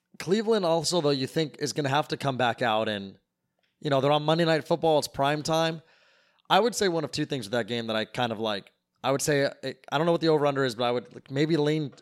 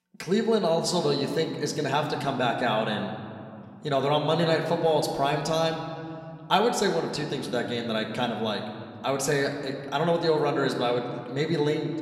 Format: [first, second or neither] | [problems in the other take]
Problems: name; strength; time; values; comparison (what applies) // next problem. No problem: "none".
first | room echo; slight; dies away in 2.1 s